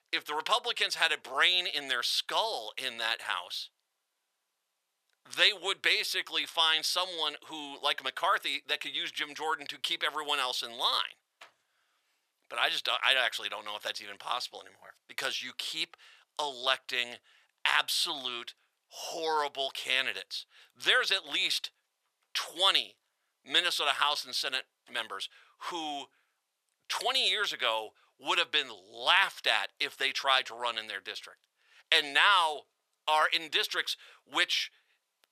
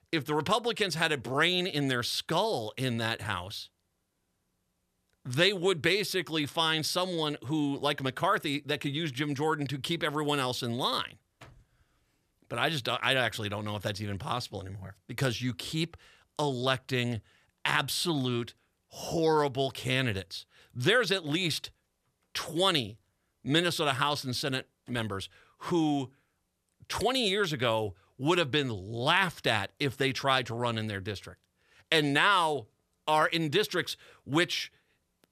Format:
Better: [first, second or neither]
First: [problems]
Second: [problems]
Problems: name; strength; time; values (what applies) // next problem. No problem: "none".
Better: second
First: thin; very; fading below 800 Hz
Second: none